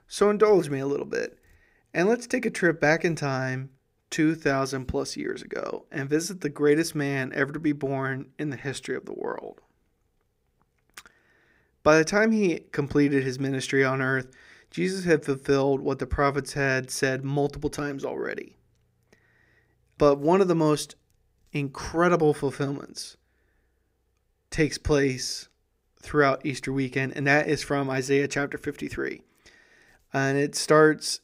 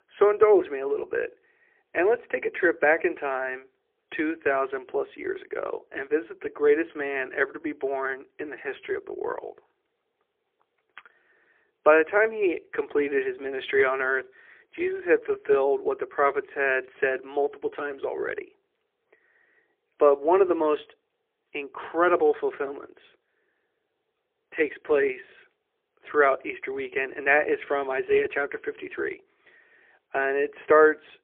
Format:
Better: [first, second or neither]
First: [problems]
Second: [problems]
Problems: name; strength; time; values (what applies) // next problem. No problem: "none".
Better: first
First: none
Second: phone-call audio; poor line; nothing above 3.5 kHz